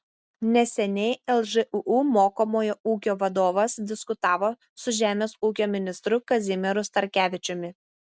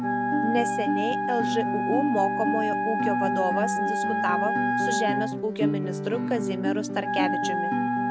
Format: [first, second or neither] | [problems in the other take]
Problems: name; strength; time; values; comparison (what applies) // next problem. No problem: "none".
first | background sound (Wind instrument, woodwind instrument + Guitar); 4 dB above the speech